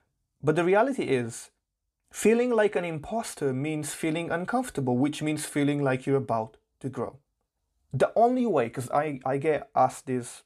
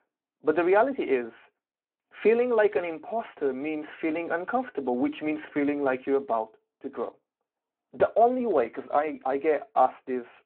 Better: first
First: none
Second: phone-call audio

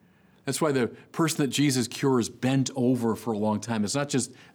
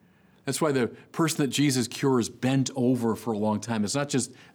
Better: neither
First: none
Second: none

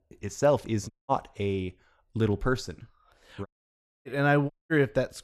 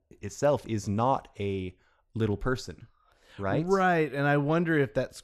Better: second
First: audio cutting out; at 1 s, at 3.5 s for 0.5 s and at 4.5 s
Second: none

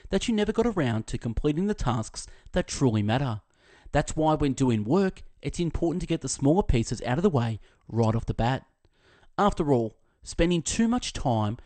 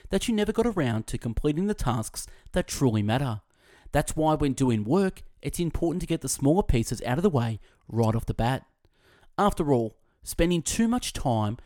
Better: second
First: garbled, watery; slightly; nothing above 8.5 kHz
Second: none

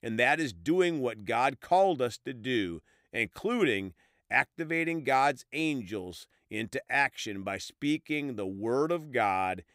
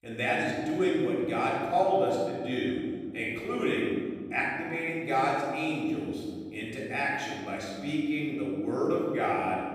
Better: first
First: none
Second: room echo; strong; dies away in 2 s // off-mic speech; far

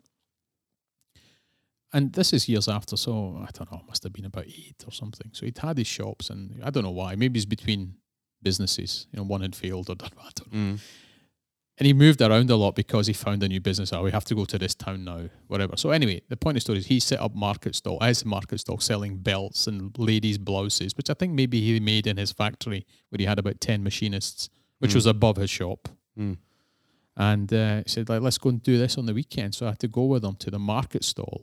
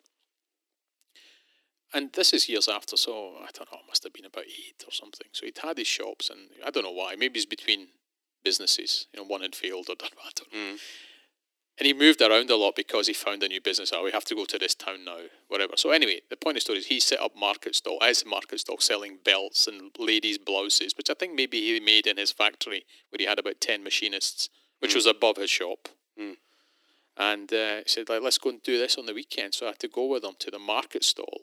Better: first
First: none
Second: thin; very; fading below 300 Hz

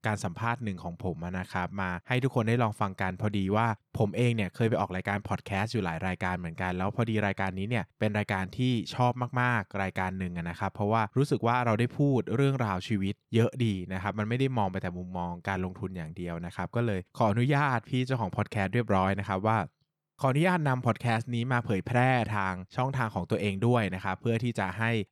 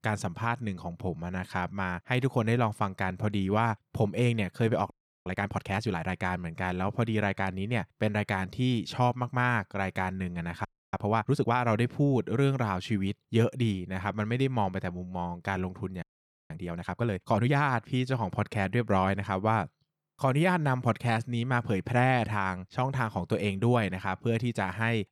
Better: first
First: none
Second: audio freezing; at 5 s, at 11 s and at 16 s

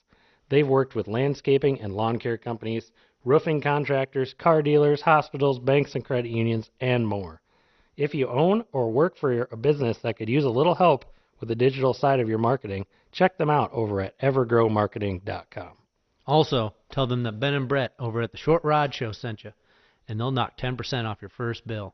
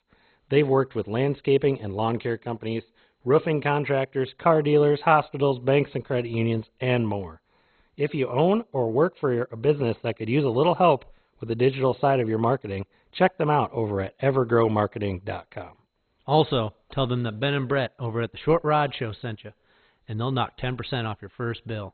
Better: first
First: garbled, watery; slightly; nothing above 6 kHz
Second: garbled, watery; badly; nothing above 4 kHz

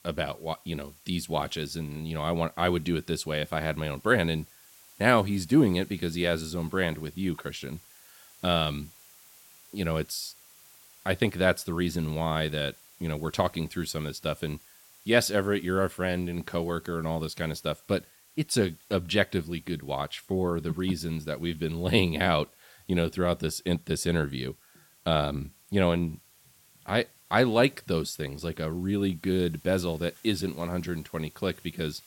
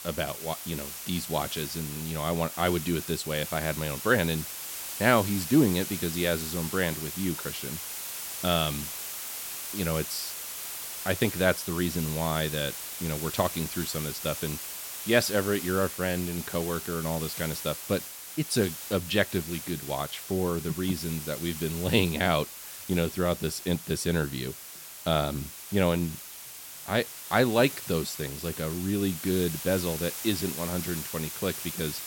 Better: first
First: hiss; faint; throughout; 25 dB below the speech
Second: hiss; loud; throughout; 7 dB below the speech

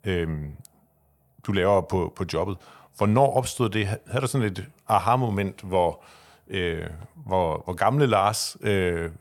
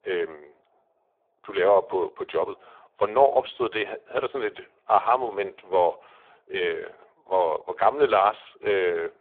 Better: first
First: none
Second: phone-call audio; poor line

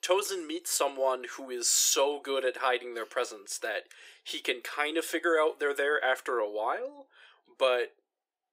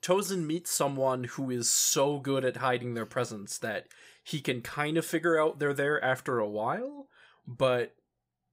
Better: second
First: thin; very; fading below 350 Hz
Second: none

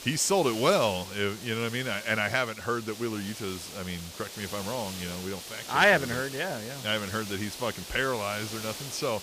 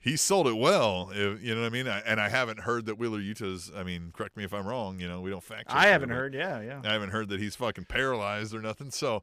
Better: second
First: hiss; noticeable; throughout; 10 dB below the speech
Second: none

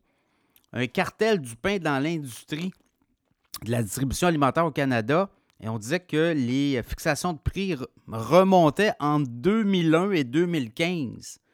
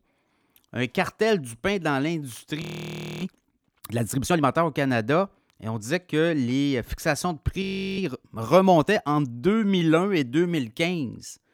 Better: first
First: none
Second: audio freezing; at 2.5 s for 0.5 s and at 7.5 s

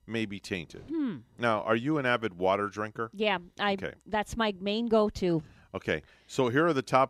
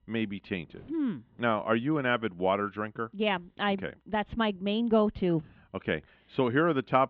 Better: first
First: none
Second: muffled; very; fading above 3.5 kHz

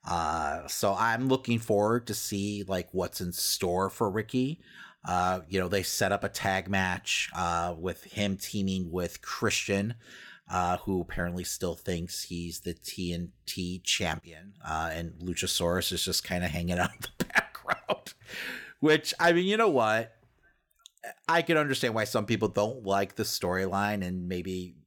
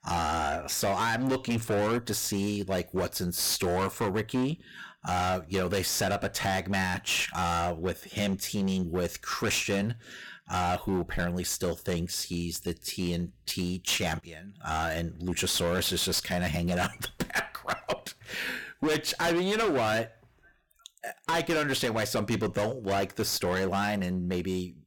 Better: first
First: none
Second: distortion; heavy; 17% of the sound clipped

